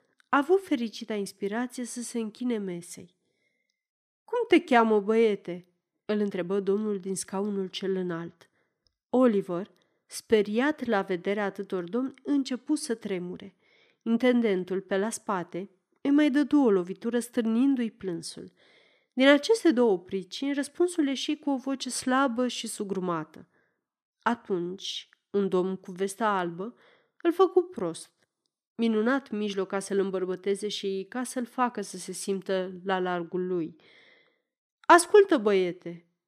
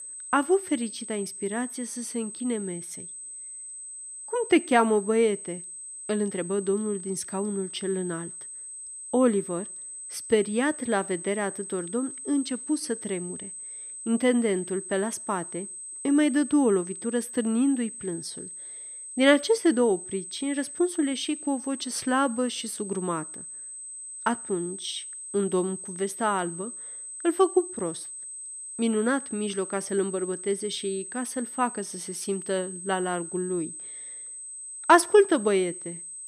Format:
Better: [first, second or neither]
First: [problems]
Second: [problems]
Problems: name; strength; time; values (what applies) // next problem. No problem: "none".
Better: first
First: none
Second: high-pitched whine; loud; throughout; 8 kHz, 10 dB below the speech